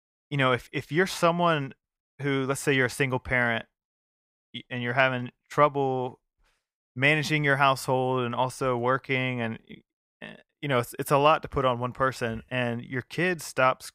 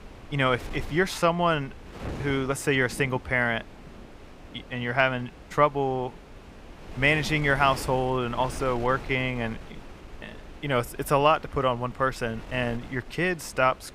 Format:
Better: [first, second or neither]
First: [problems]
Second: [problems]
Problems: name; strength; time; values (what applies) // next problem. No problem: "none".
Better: first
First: none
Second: wind noise on the microphone; occasional gusts; 20 dB below the speech